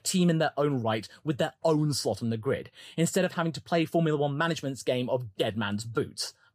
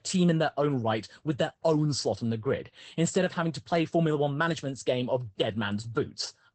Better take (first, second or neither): first